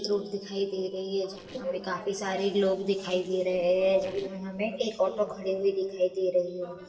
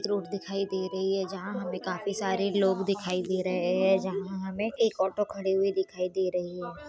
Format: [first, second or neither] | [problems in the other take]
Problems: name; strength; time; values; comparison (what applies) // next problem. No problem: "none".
second | noise reduction (neural separator model SepFormer DNS4)